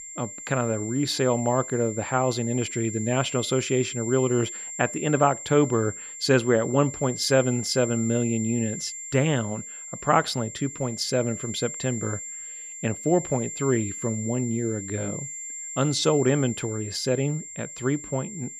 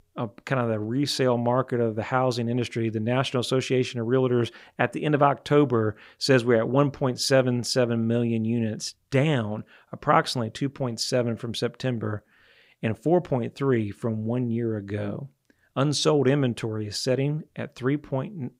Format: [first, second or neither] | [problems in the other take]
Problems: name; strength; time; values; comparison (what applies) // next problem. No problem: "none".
second | high-pitched whine; loud; throughout; 7.5 kHz, 9 dB below the speech